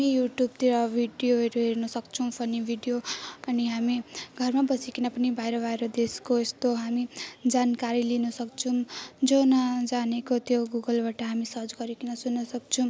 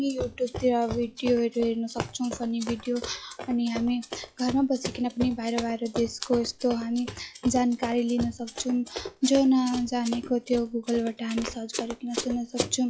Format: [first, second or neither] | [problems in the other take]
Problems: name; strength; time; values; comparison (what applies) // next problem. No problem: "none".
first | noise reduction (classical method log-MMSE)